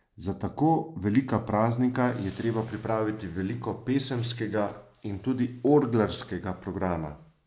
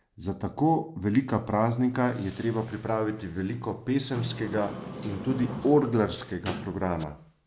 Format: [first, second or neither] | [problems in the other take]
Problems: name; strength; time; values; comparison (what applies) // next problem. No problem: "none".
first | background sound (Sliding door); 10 dB below the speech